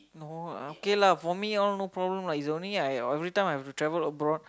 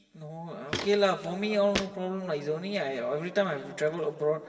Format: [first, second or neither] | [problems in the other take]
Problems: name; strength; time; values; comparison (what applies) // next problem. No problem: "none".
first | background sound (Walk, footsteps); 9 dB below the speech // room echo; dies away in 2 s